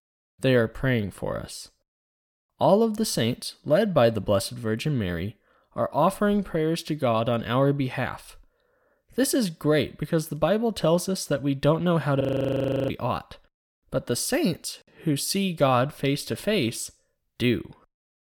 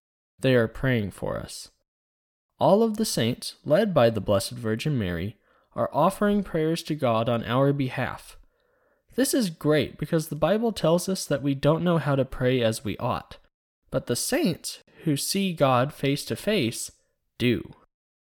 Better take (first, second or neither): second